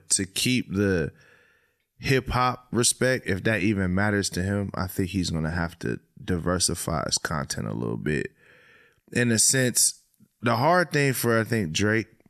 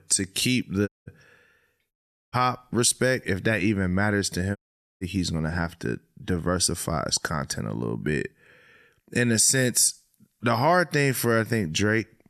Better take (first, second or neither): first